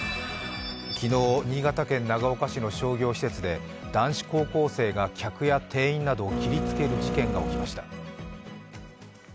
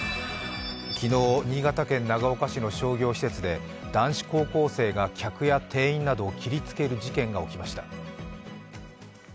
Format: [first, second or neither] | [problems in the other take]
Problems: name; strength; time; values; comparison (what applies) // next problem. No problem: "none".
second | background sound (Printer); 1 dB below the speech